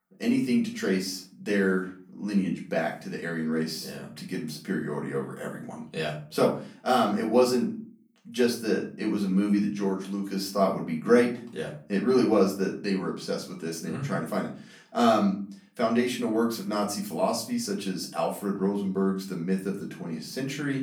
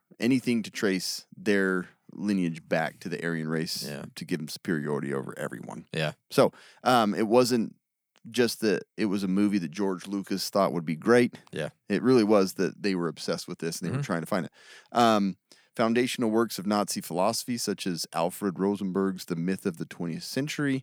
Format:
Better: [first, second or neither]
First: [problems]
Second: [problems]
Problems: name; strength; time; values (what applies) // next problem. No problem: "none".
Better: second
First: off-mic speech; far // room echo; slight; dies away in 0.4 s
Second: none